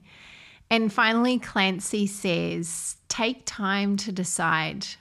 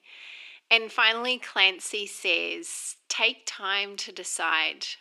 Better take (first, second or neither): first